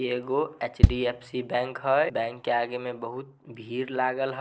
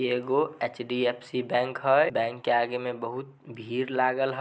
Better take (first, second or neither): second